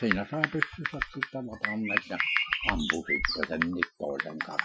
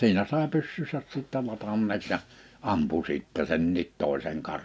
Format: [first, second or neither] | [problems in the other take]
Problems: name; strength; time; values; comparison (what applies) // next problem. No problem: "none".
second | noise reduction (classical method Wiener filter)